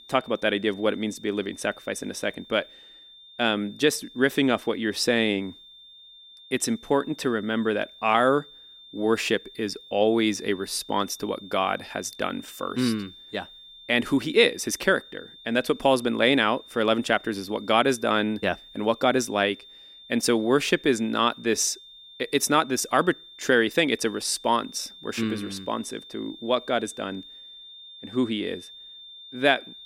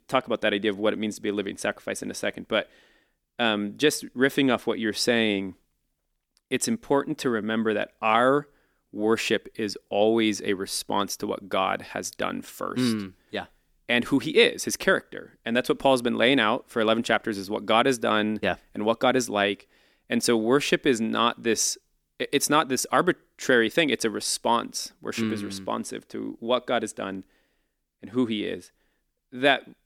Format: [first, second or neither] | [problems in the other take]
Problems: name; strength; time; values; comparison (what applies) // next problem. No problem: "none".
second | high-pitched whine; noticeable; throughout; 3.5 kHz, 20 dB below the speech